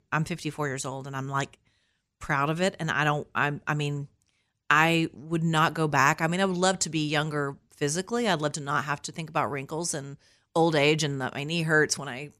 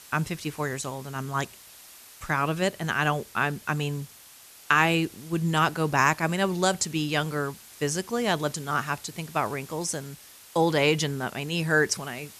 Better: first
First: none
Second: hiss; noticeable; throughout; 20 dB below the speech

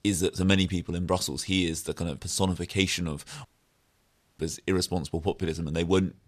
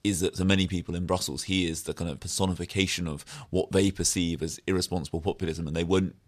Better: second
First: audio cutting out; at 3.5 s for 1 s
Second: none

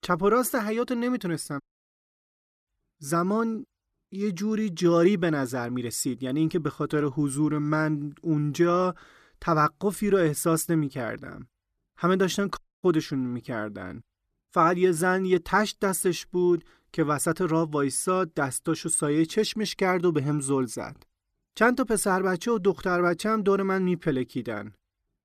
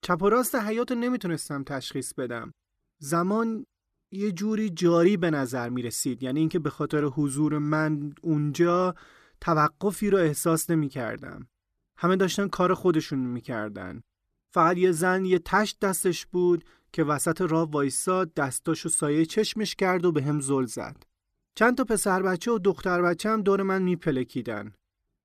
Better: second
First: audio cutting out; at 1.5 s for 1 s and at 13 s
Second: none

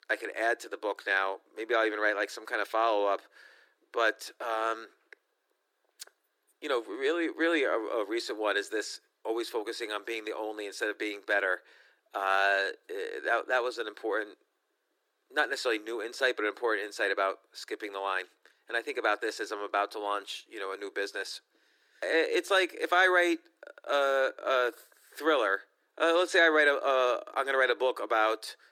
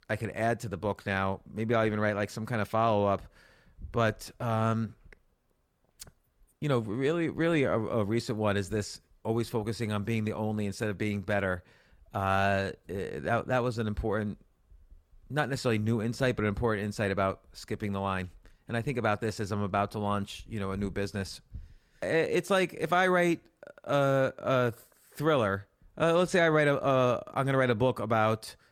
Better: second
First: thin; very; fading below 300 Hz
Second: none

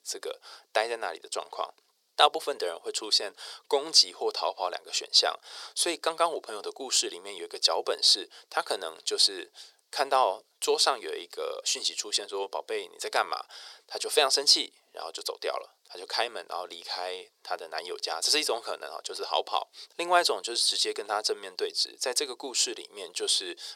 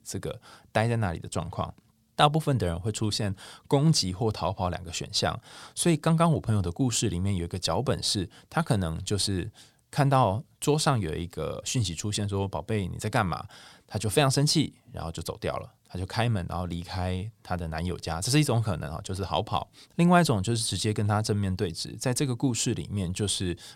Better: second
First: thin; very; fading below 400 Hz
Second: none

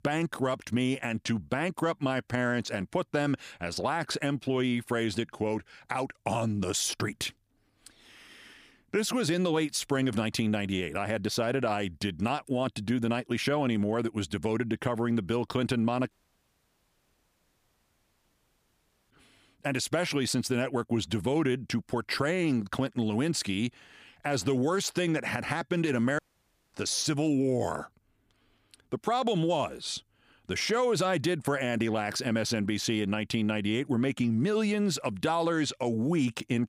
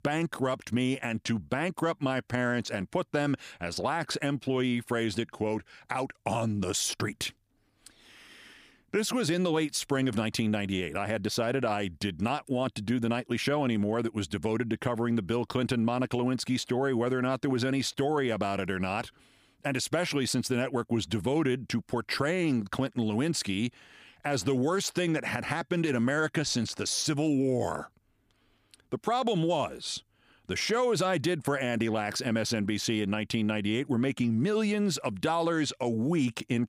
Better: second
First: audio cutting out; at 16 s for 3 s and at 26 s for 0.5 s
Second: none

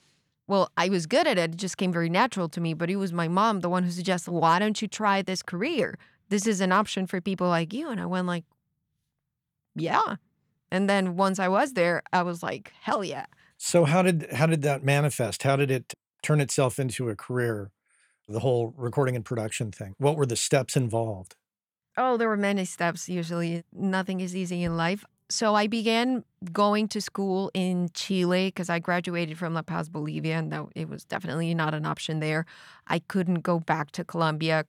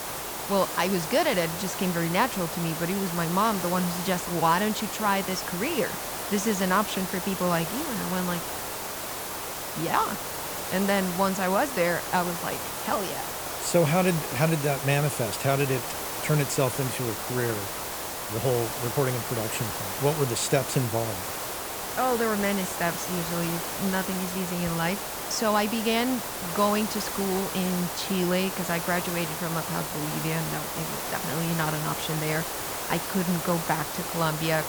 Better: first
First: none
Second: hiss; loud; throughout; 3 dB below the speech

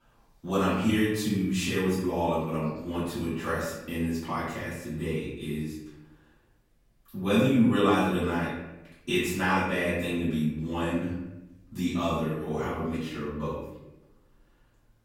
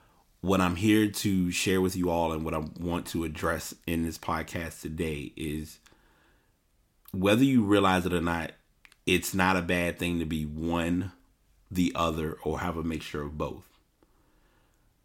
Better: second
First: off-mic speech; far // room echo; noticeable; dies away in 0.8 s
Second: none

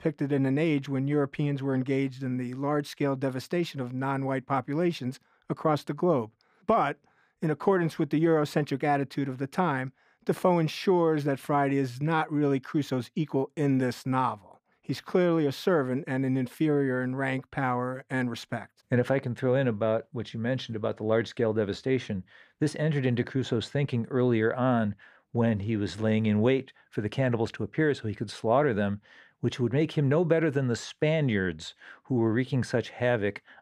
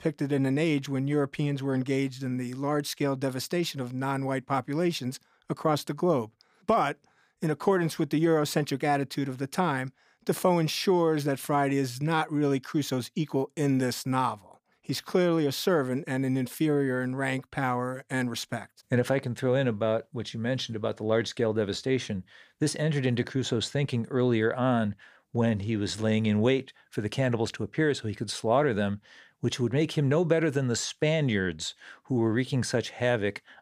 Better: second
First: muffled; slightly; fading above 3.5 kHz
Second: none

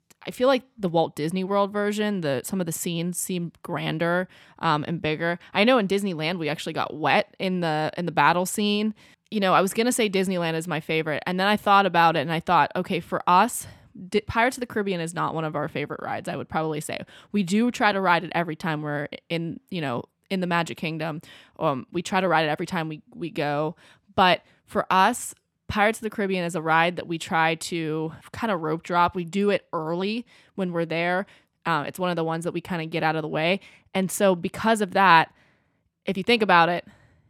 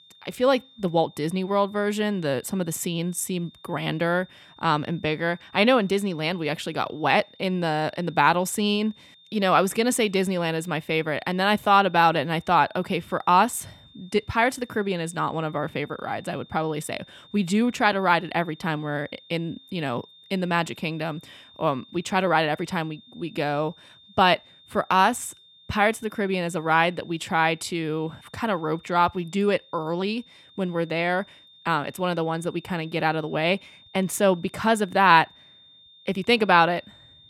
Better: first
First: none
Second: high-pitched whine; faint; throughout; 3.5 kHz, 25 dB below the speech

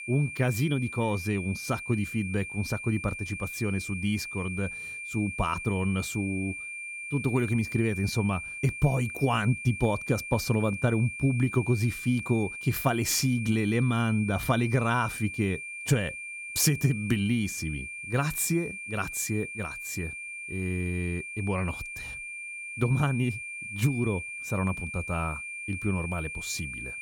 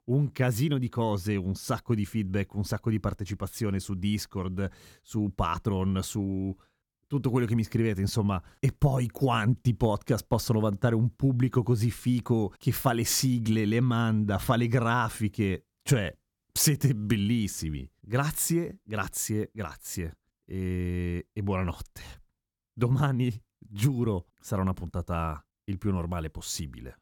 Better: second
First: high-pitched whine; loud; throughout; 2.5 kHz, 7 dB below the speech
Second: none

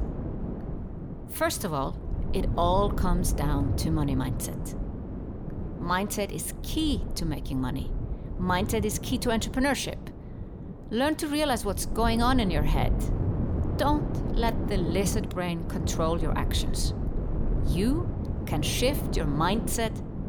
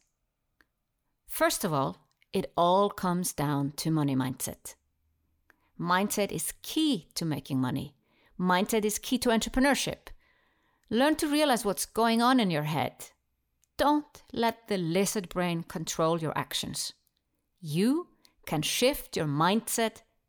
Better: second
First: wind noise on the microphone; occasional gusts; 10 dB below the speech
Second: none

